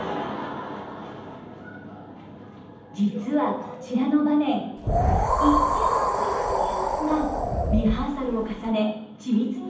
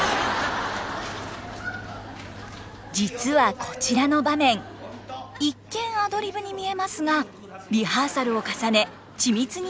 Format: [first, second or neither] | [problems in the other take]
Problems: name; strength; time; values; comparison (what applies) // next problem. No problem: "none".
second | background sound (Wind); 3 dB above the speech // room echo; dies away in 0.8 s